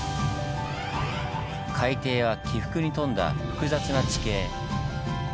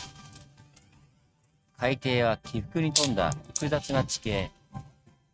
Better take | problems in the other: first | noise reduction (neural mask model RNNoise)

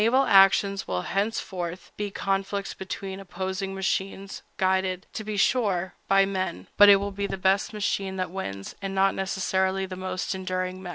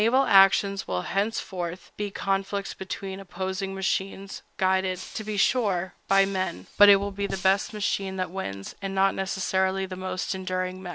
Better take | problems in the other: first | background sound (Shatter); 19 dB below the speech

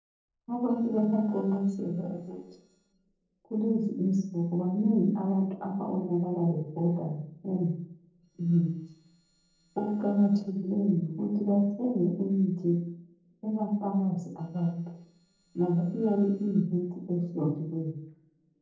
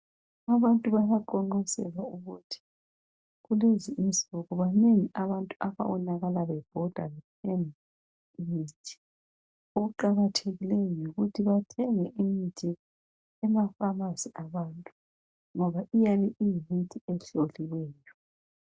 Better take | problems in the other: second | noise reduction (neural separator model SepFormer DNS4)

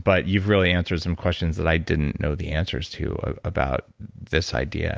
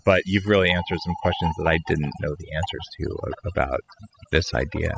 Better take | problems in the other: first | noise reduction (classical method spectral subtraction)

